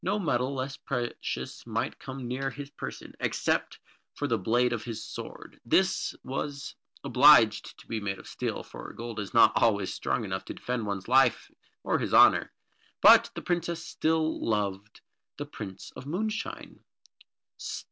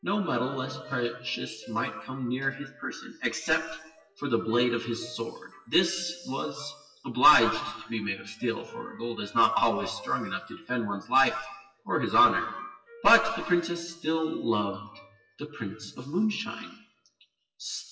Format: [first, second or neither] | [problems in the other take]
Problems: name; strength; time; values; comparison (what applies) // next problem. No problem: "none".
first | noise reduction (classical method WPE with log-MMSE)